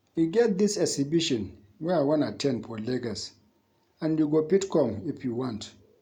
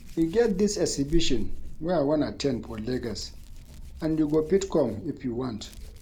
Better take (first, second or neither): first